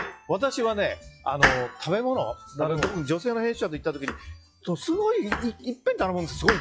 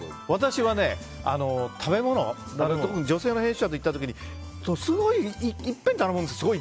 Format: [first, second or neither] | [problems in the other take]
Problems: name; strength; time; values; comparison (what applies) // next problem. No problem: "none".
second | noise reduction (classical method log-MMSE)